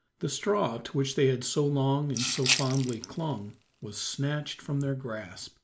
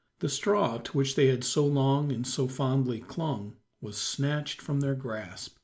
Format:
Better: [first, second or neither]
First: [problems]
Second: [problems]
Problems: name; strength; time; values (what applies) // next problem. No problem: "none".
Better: second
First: background sound (Rattle (instrument)); 4 dB below the speech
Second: none